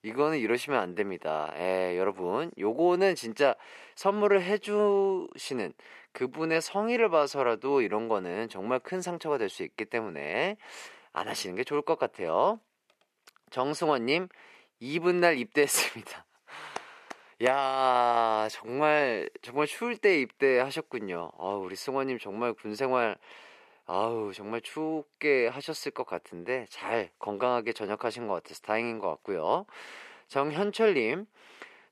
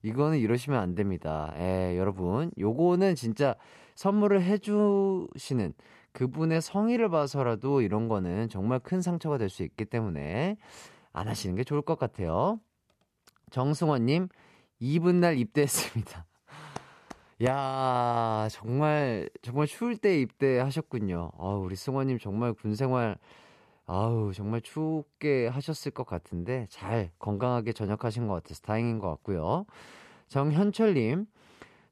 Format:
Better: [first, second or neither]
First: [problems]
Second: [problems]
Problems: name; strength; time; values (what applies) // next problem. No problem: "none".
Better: second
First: thin; somewhat; fading below 400 Hz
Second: none